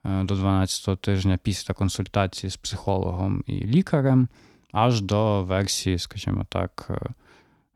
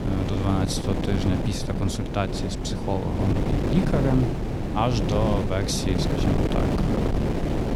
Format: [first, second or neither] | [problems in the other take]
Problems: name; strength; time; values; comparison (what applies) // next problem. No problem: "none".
first | wind noise on the microphone; heavy; 1 dB below the speech